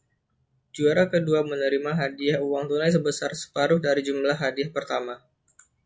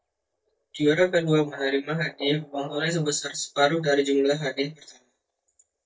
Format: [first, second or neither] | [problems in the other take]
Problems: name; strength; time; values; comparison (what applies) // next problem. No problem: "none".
first | noise reduction (neural mask model DeepFilterNet 3)